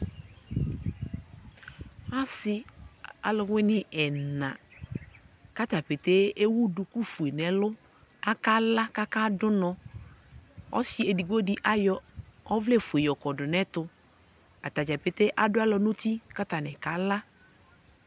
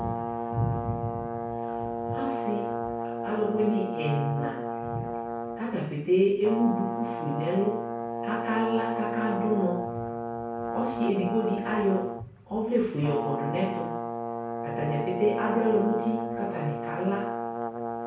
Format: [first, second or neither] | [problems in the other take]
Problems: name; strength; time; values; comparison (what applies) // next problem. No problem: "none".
first | background sound (Brass instrument); 3 dB below the speech // room echo; dies away in 0.6 s